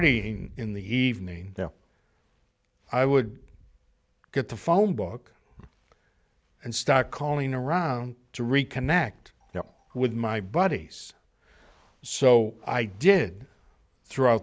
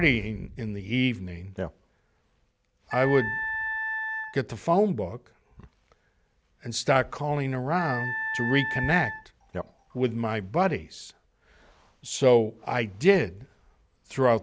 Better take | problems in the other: first | background sound (Wind instrument, woodwind instrument); 6 dB below the speech

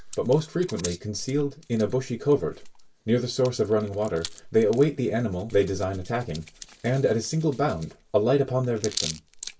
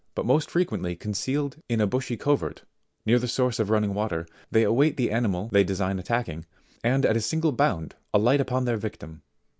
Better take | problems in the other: second | background sound (Hands); 17 dB below the speech // room echo; dies away in 0.1 s

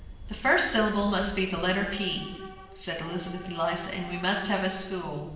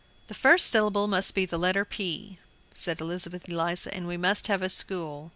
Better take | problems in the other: second | background sound (Subway, metro, underground / Train); 14 dB below the speech // room echo; dies away in 1 s

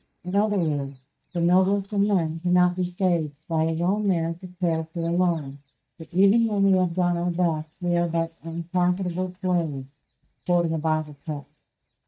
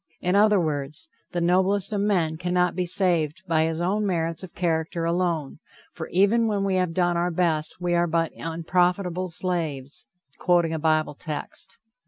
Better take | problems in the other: second | noise reduction (neural mask model DeepFilterNet 3)

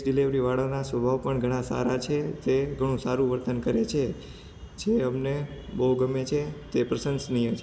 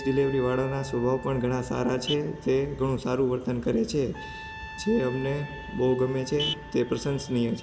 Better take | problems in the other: first | background sound (Trumpet + Vehicle horn, car horn, honking); 14 dB below the speech

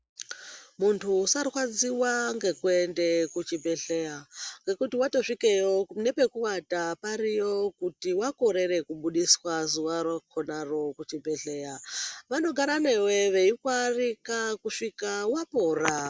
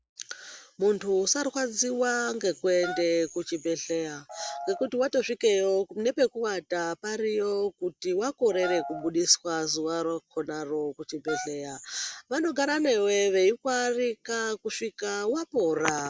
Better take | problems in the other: first | background sound (Piano + Wind instrument, woodwind instrument); 10 dB below the speech

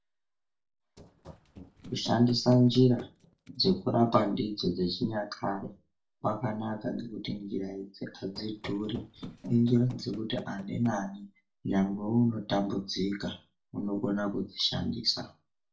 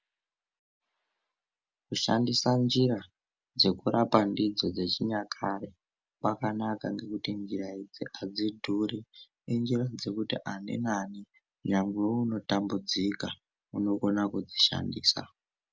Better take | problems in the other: second | noise reduction (neural separator model SepFormer DNS4)

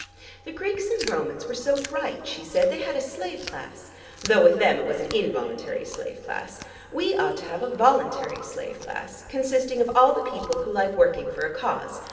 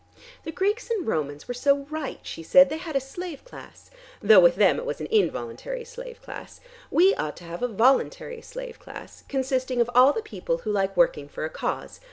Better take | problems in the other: second | background sound (Chewing, mastication); 19 dB below the speech // room echo; dies away in 2.7 s

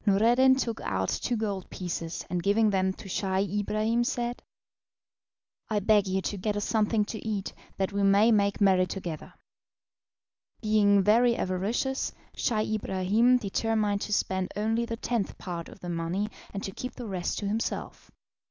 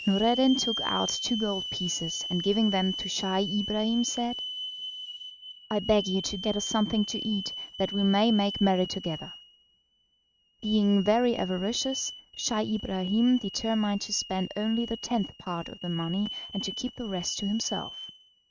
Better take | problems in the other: first | noise reduction (neural mask model RNNoise)

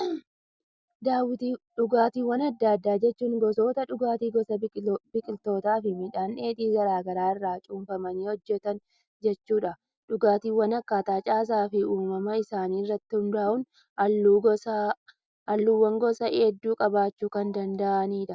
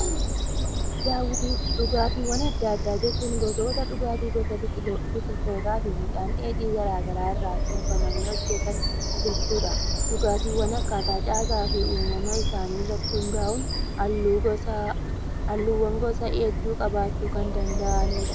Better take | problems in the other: first | background sound (Bird vocalization, bird call, bird song); 3 dB above the speech

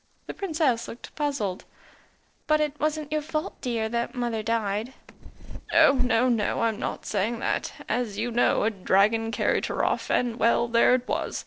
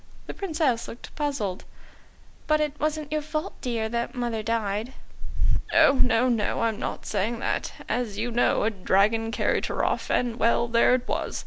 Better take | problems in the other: second | noise reduction (neural separator model SepFormer DNS4)

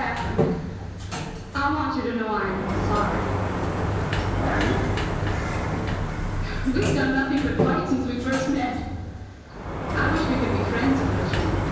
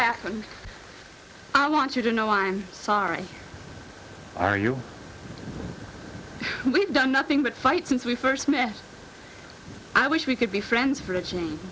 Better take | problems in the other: second | background sound (Sliding door); 1 dB above the speech // room echo; dies away in 1.2 s

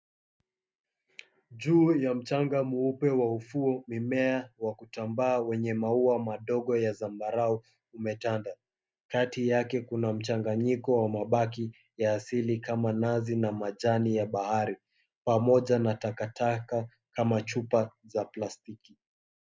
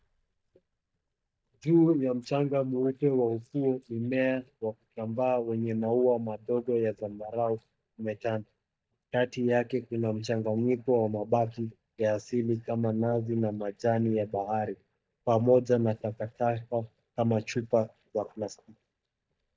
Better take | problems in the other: first | noise reduction (neural mask model DeepFilterNet 3)

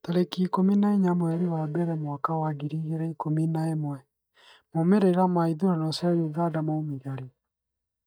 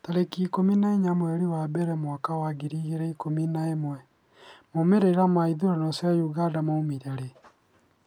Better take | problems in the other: second | noise reduction (neural mask model DeepFilterNet 3)

